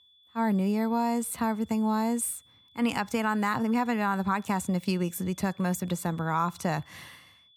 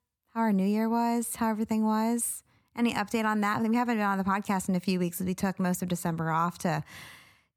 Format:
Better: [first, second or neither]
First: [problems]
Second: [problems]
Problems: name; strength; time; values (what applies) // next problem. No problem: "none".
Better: second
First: high-pitched whine; faint; throughout; 3.5 kHz, 30 dB below the speech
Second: none